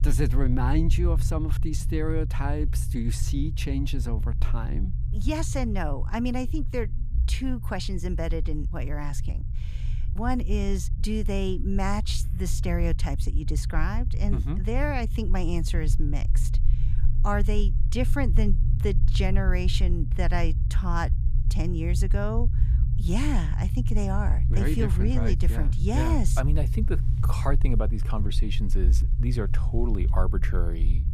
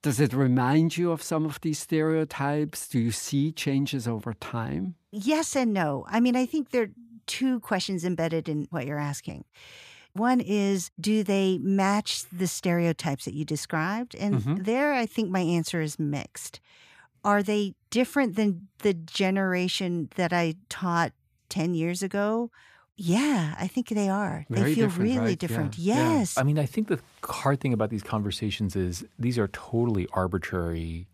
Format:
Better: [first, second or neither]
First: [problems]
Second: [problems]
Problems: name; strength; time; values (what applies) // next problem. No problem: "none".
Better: second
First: low rumble; noticeable; throughout; 10 dB below the speech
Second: none